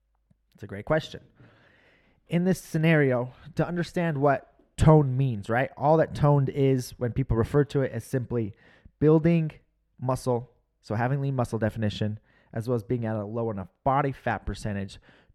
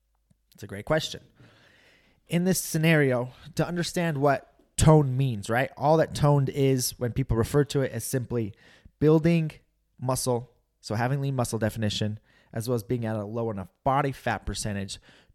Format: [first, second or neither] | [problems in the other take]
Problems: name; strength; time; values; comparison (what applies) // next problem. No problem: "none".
second | muffled; slightly; fading above 3.5 kHz